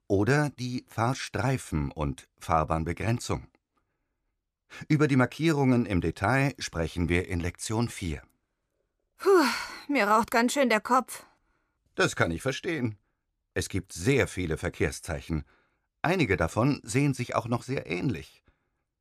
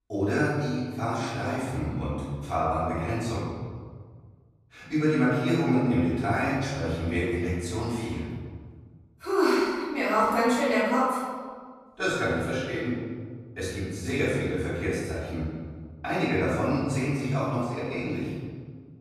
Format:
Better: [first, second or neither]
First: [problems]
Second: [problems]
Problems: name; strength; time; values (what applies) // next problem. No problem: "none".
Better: first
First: none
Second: off-mic speech; far // room echo; strong; dies away in 1.6 s